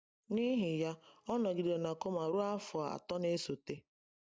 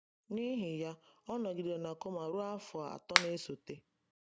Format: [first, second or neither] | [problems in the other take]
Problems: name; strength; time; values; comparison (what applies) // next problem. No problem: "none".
first | background sound (Finger snapping); 4 dB above the speech